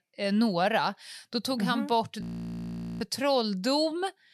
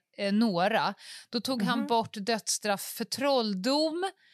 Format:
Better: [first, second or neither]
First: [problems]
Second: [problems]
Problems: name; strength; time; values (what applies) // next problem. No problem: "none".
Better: second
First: audio freezing; at 2 s for 1 s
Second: none